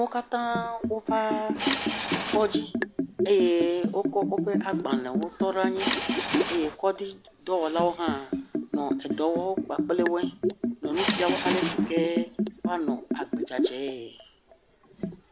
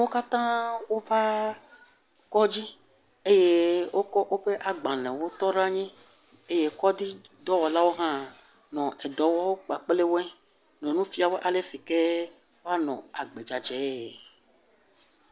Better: second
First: background sound (Subway, metro, underground / Engine + Liquid); 1 dB below the speech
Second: none

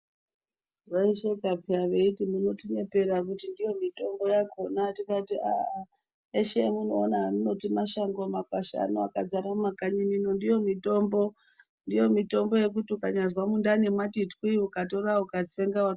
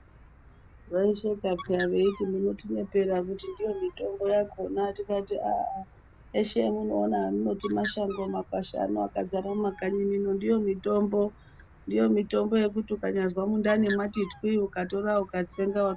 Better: first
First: none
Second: background sound (Bird); 19 dB below the speech

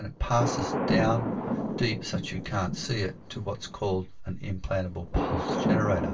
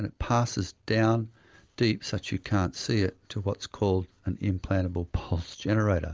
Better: second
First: background sound (Thunder); 1 dB below the speech // room echo; dies away in 0.1 s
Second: none

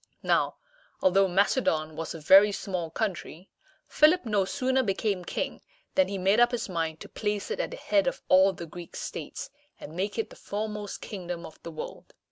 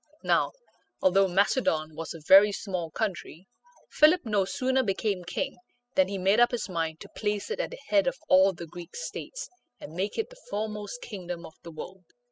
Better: first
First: none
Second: noise reduction (classical method spectral subtraction)

